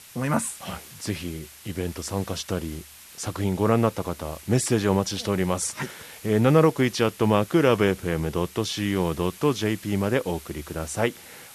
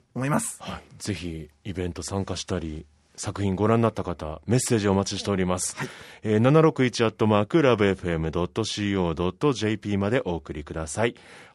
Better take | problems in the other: second | hiss; noticeable; throughout; 20 dB below the speech

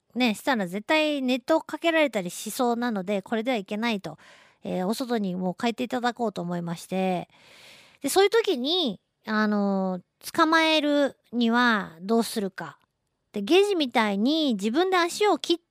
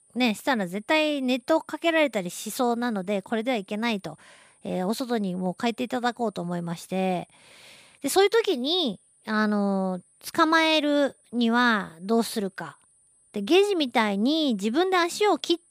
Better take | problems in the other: first | high-pitched whine; faint; throughout; 9.5 kHz, 35 dB below the speech

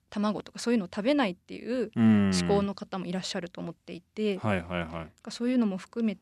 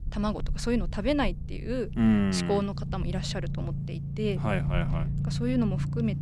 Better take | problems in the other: first | low rumble; noticeable; throughout; 10 dB below the speech

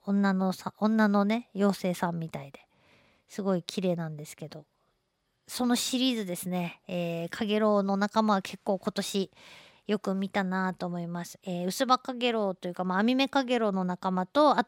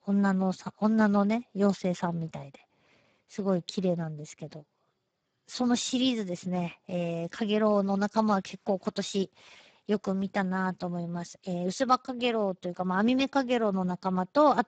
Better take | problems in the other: first | garbled, watery; badly; nothing above 7.5 kHz

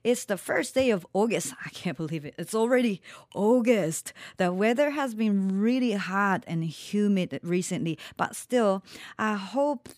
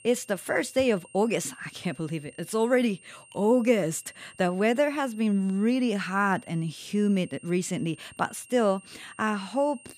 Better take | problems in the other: first | high-pitched whine; faint; throughout; 3 kHz, 25 dB below the speech

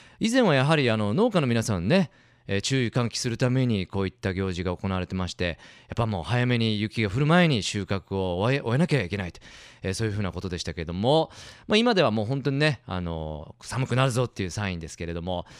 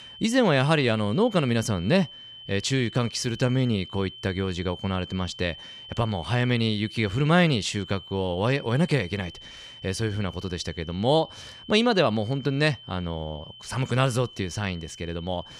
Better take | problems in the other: first | high-pitched whine; noticeable; throughout; 3 kHz, 15 dB below the speech

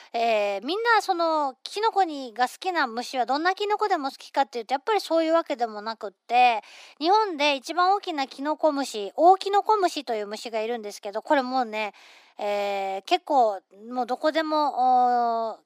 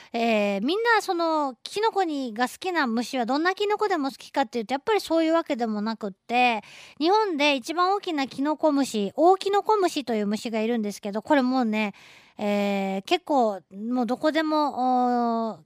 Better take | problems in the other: second | thin; somewhat; fading below 300 Hz

